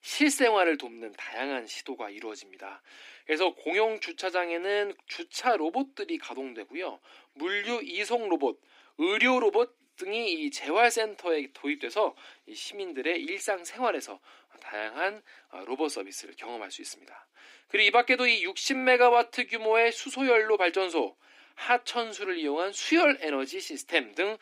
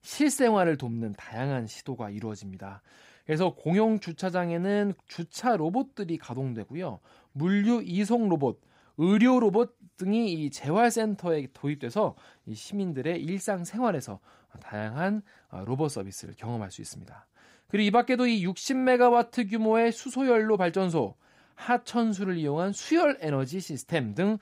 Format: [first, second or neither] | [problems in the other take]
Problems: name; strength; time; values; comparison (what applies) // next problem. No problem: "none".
second | thin; somewhat; fading below 250 Hz